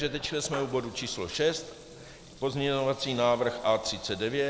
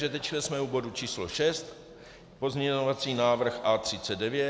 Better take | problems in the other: second | background sound (Water tap, faucet / Liquid); 19 dB below the speech

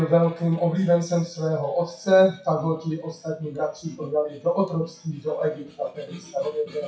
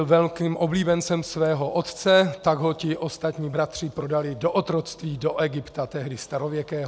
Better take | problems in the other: second | noise reduction (classical method WPE with log-MMSE)

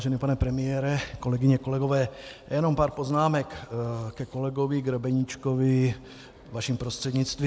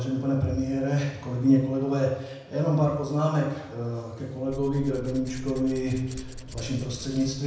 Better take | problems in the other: first | background sound (Tools); 13 dB below the speech // room echo; dies away in 0.8 s

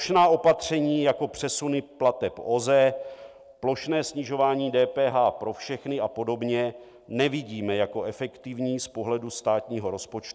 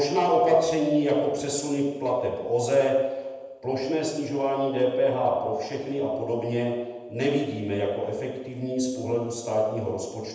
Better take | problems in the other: first | room echo; dies away in 1 s

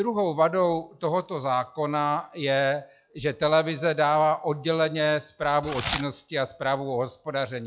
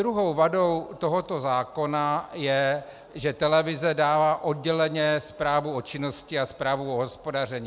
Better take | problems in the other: second | noise reduction (classical method log-MMSE)

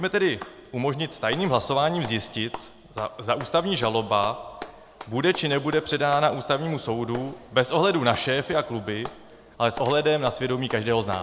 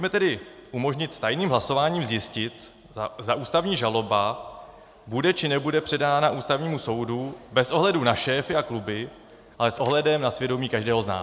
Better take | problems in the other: second | background sound (Clapping); 18 dB below the speech

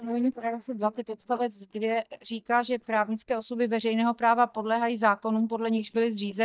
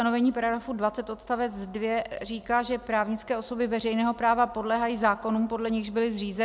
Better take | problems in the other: second | noise reduction (neural mask model DeepFilterNet 3)

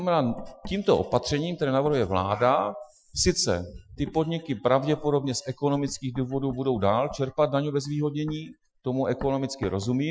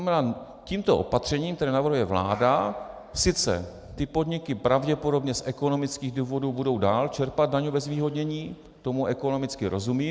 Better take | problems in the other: second | noise reduction (classical method Wiener filter)

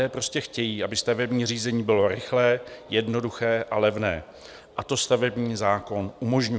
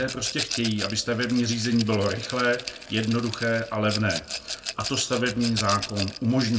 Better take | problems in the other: first | background sound (Rattle); 9 dB below the speech // room echo; dies away in 0.2 s

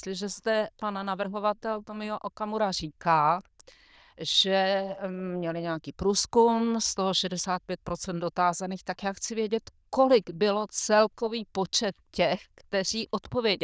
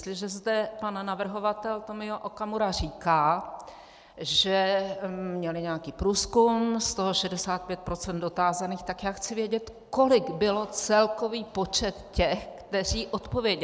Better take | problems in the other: second | noise reduction (neural diffusion model UNIVERSE++)

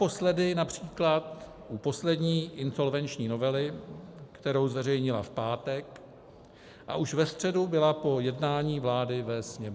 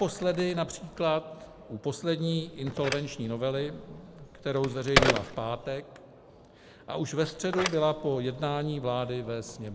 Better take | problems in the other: first | background sound (Telephone); 5 dB below the speech

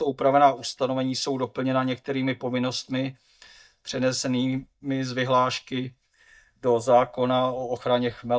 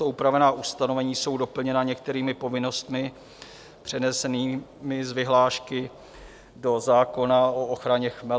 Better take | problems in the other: second | noise reduction (neural mask model DeepFilterNet 3)

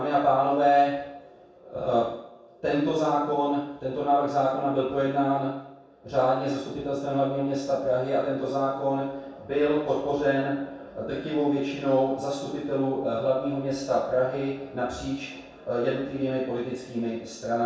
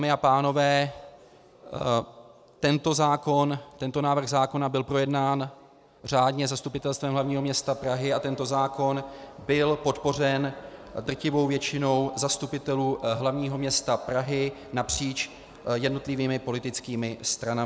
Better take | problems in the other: second | room echo; dies away in 0.7 s

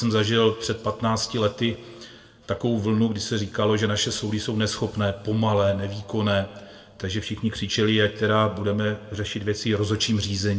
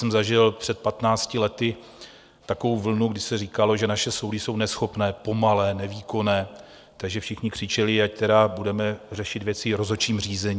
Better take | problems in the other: second | room echo; dies away in 1 s

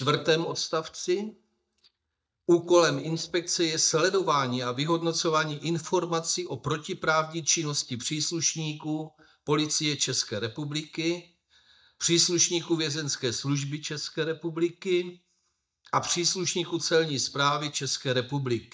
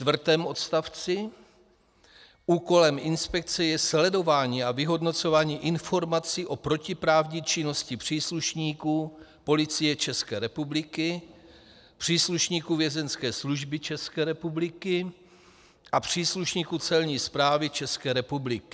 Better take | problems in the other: second | noise reduction (neural mask model DeepFilterNet 3)

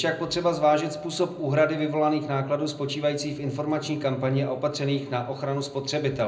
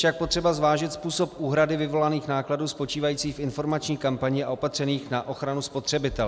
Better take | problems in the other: second | room echo; dies away in 0.5 s

